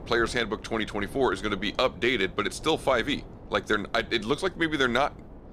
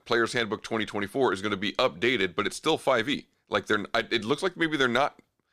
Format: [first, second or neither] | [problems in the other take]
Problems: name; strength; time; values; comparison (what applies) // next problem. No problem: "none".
second | wind noise on the microphone; occasional gusts; 20 dB below the speech